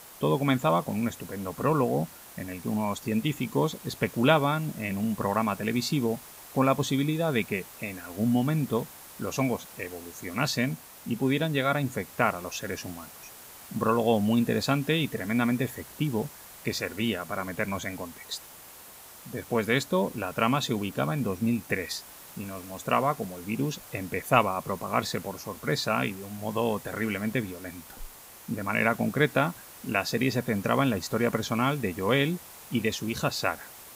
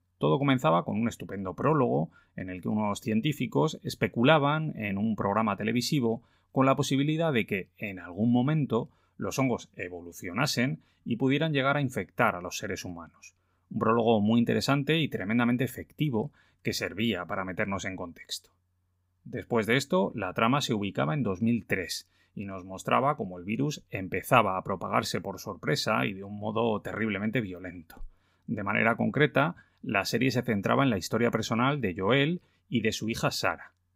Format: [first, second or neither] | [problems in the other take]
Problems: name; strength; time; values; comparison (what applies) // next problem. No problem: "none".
second | hiss; noticeable; throughout; 15 dB below the speech